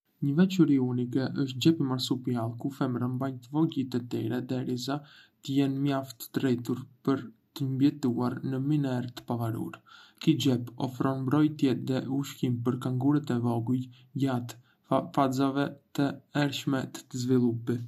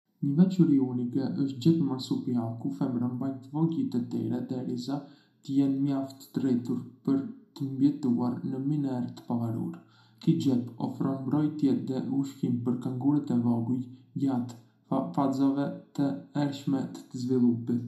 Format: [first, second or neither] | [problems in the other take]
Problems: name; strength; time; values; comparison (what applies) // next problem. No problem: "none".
first | room echo; dies away in 0.4 s